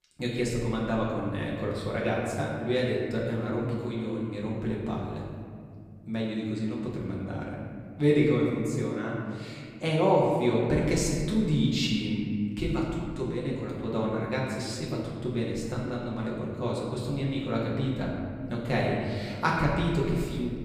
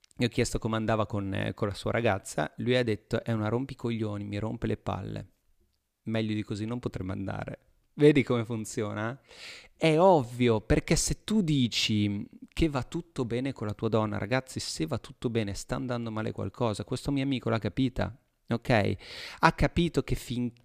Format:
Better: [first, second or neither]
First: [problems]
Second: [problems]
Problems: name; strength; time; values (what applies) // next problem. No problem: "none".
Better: second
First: off-mic speech; far // room echo; noticeable; dies away in 2.1 s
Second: none